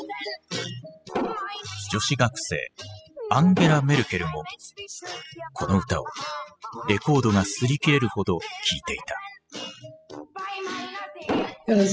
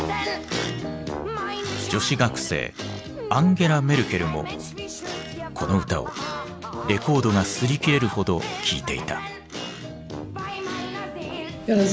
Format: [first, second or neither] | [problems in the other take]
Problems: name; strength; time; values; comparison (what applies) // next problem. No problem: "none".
second | noise reduction (classical method spectral subtraction)